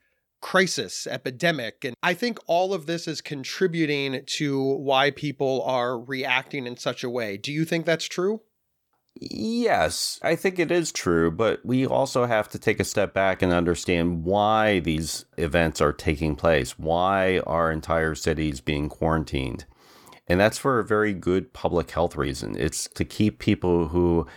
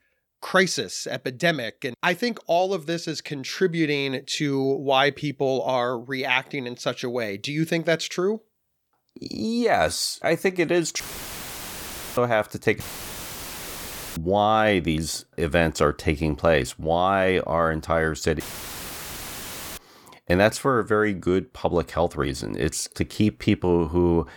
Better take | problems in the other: first | audio cutting out; filled with static; at 11 s for 1 s, at 13 s for 1.5 s and at 18 s for 1.5 s

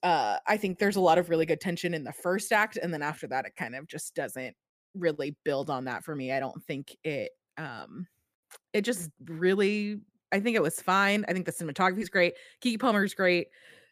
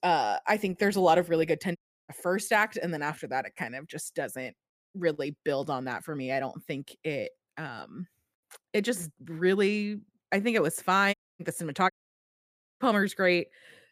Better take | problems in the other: first | audio cutting out; at 2 s, at 11 s and at 12 s for 1 s

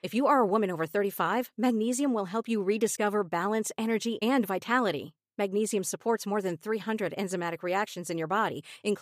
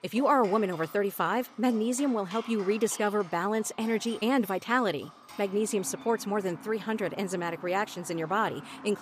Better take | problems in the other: first | animal sounds; noticeable; throughout; 20 dB below the speech

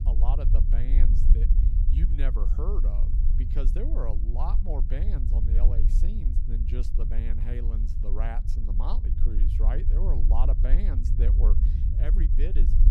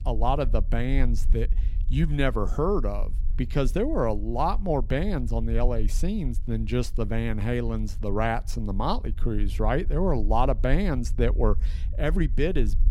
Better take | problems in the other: second | low rumble; loud; throughout; 4 dB below the speech; faint in the second

